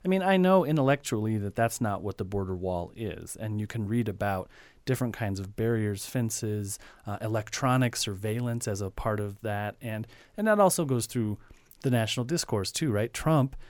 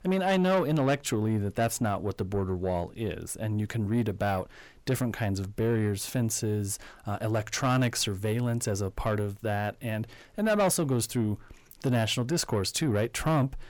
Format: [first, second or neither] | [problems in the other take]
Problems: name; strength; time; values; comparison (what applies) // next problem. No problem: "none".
first | distortion; slight; 10 dB below the speech